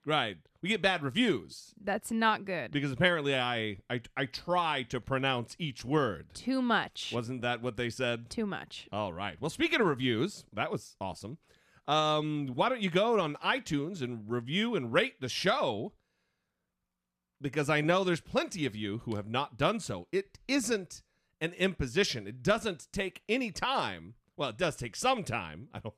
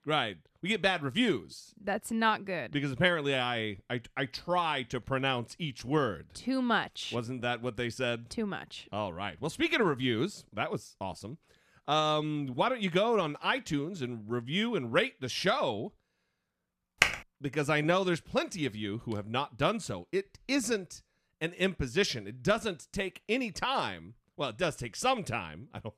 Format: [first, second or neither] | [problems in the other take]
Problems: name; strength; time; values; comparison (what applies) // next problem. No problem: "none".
first | keyboard typing; loud; at 17 s; peak 4 dB above the speech